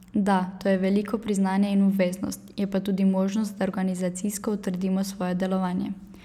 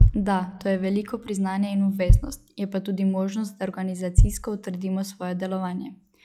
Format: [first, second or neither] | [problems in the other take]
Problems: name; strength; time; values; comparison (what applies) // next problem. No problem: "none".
first | noise reduction (classical method log-MMSE)